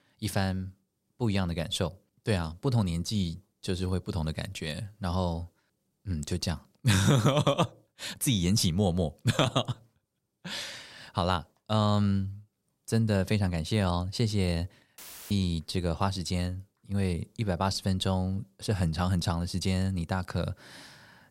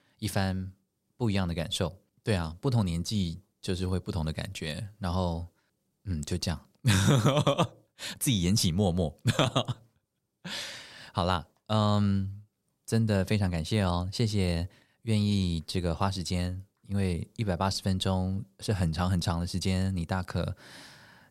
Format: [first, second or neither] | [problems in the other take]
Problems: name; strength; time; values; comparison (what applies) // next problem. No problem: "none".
second | audio cutting out; filled with static; at 15 s